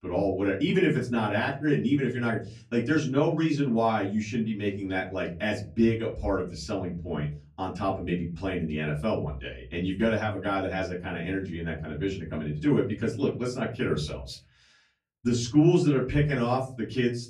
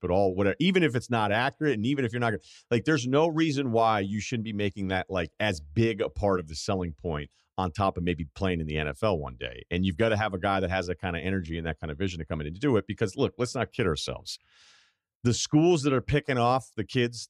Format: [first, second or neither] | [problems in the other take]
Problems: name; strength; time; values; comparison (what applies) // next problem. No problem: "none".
second | off-mic speech; far // room echo; very slight; dies away in 0.4 s